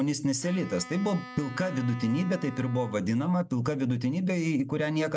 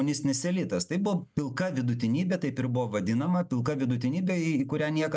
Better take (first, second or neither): second